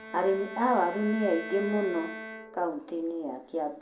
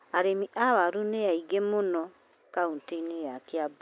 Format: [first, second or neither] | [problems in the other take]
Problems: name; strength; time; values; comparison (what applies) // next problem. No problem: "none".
second | background sound (Bowed string instrument); 12 dB below the speech // room echo; dies away in 0.4 s